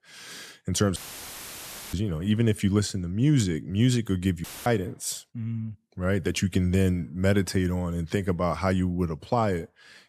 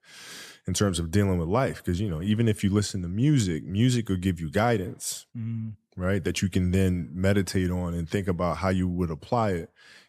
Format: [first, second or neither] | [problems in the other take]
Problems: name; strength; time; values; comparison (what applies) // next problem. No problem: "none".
second | audio cutting out; filled with static; at 1 s for 1 s and at 4.5 s